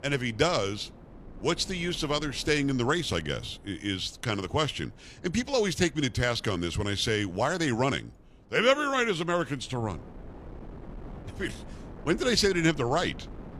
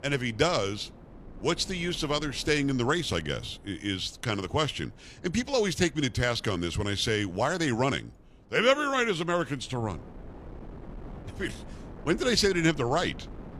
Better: neither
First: wind noise on the microphone; occasional gusts; 25 dB below the speech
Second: wind noise on the microphone; occasional gusts; 25 dB below the speech

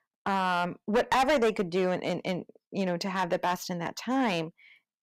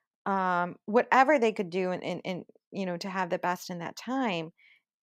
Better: second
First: distortion; heavy; 6% of the sound clipped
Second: none

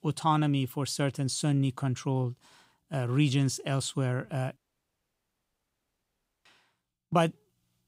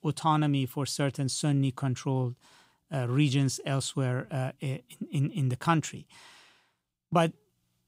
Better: second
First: audio cutting out; at 4.5 s for 2 s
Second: none

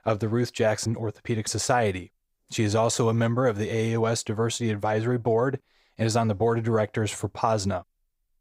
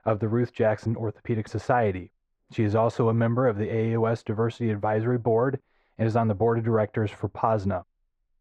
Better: first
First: none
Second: muffled; very; fading above 4 kHz

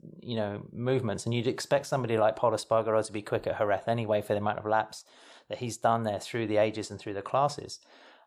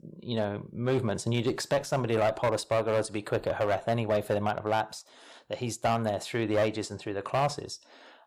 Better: first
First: none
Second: distortion; slight; 6% of the sound clipped

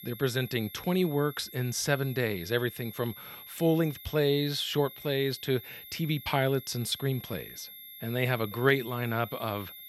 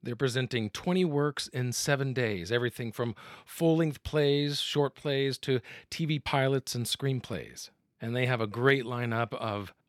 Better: second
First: high-pitched whine; noticeable; throughout; 11.5 kHz, 15 dB below the speech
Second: none

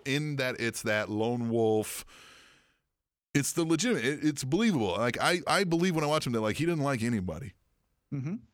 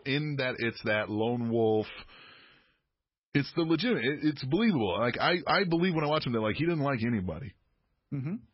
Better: first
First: none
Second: garbled, watery; badly; nothing above 5.5 kHz

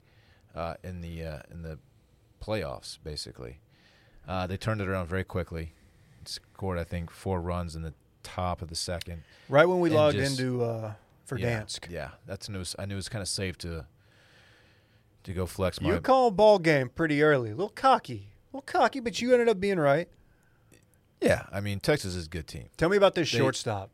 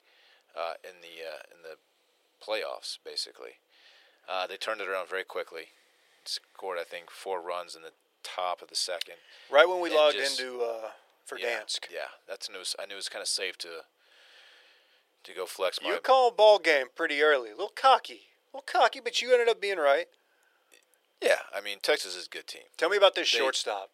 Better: first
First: none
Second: thin; very; fading below 450 Hz

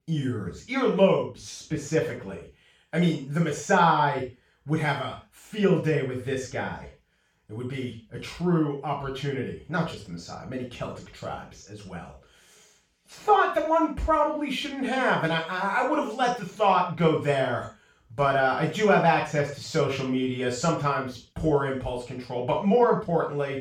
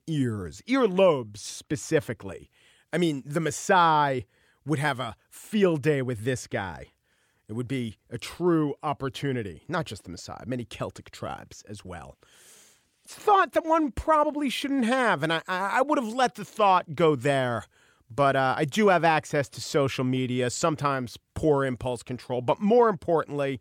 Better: second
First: room echo; noticeable; dies away in 0.3 s // off-mic speech; far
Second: none

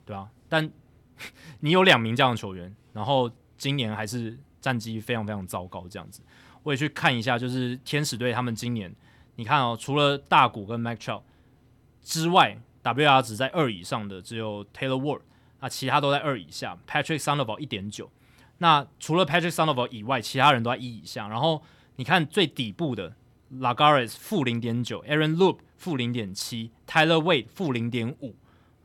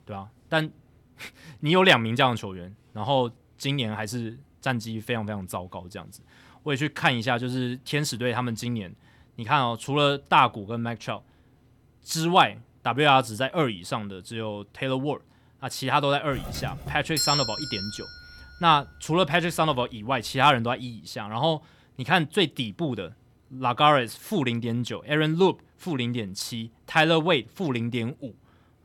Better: first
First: none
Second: doorbell; loud; from 16 to 18 s; peak 1 dB above the speech

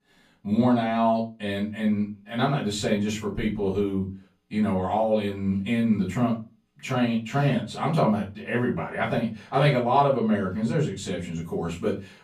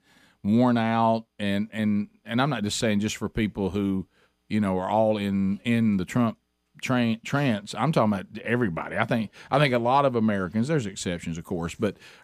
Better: second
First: off-mic speech; far // room echo; slight; dies away in 0.3 s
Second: none

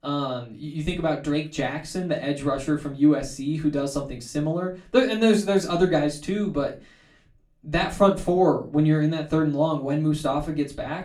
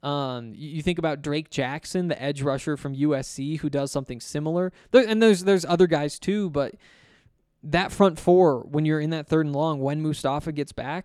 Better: second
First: off-mic speech; far // room echo; very slight; dies away in 0.2 s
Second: none

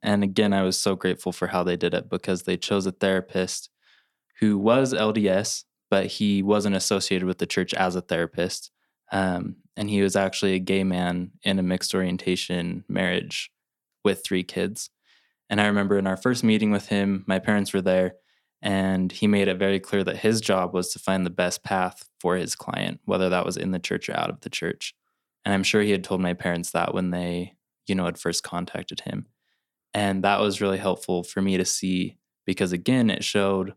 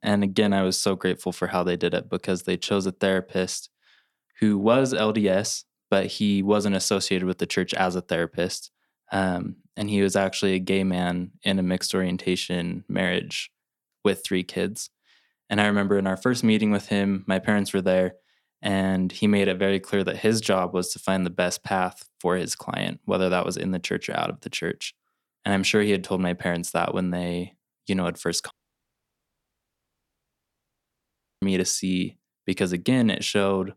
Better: first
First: none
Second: audio cutting out; at 29 s for 3 s

